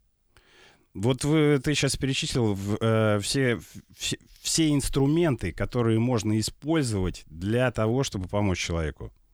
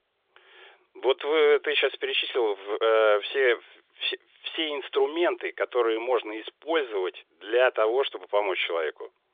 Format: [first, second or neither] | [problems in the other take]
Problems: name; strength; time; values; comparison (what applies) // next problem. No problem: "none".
first | phone-call audio; nothing above 3.5 kHz